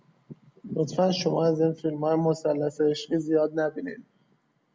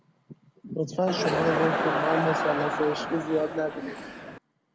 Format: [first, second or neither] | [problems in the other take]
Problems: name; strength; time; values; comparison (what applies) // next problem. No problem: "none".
first | background sound (Crowd); as loud as the speech